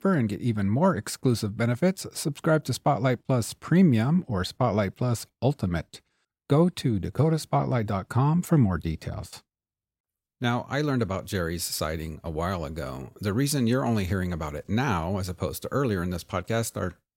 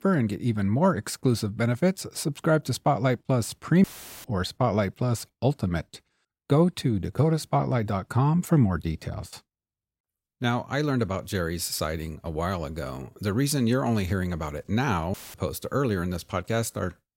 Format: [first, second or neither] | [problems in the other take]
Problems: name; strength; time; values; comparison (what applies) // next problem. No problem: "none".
first | audio cutting out; filled with static; at 4 s and at 15 s